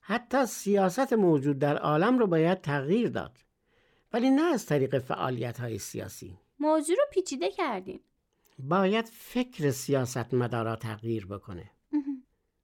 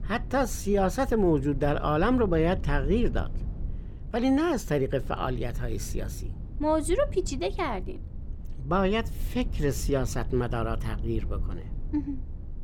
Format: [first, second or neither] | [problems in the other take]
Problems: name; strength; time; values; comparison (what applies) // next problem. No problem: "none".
first | low rumble; faint; throughout; 20 dB below the speech